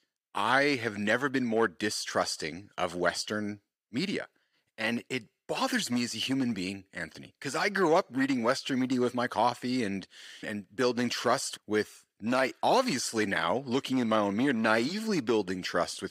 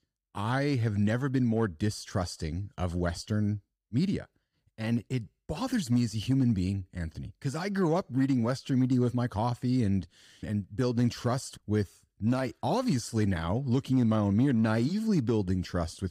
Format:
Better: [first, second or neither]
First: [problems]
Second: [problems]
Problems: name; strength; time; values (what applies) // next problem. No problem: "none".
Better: second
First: thin; somewhat; fading below 400 Hz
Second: none